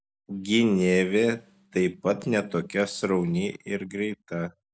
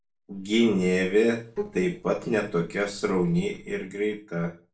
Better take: first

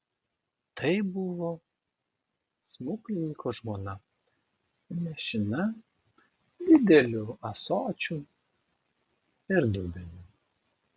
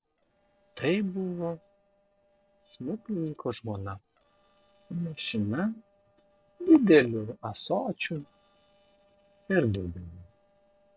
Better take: first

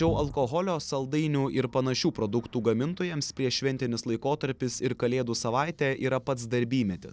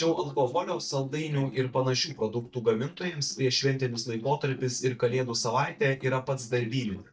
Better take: first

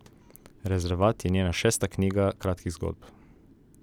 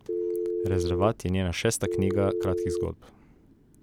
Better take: first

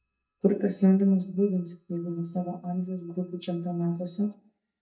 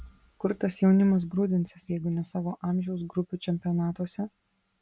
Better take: second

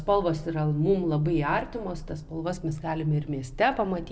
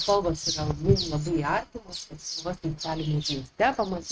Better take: first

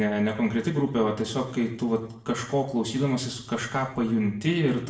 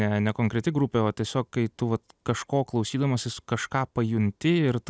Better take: second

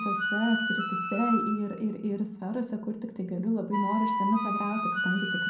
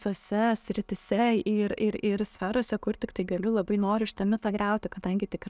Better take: second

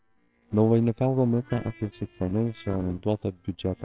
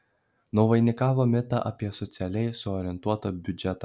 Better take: second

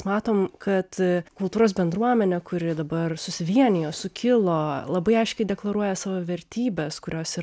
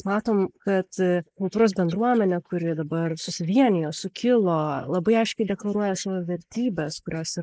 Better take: first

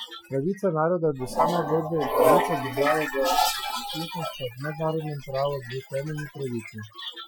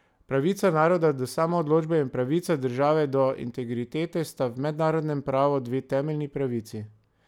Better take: second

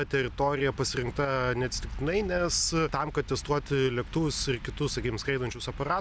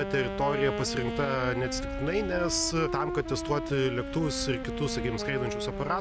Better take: first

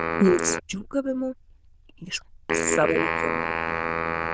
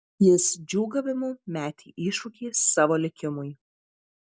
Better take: second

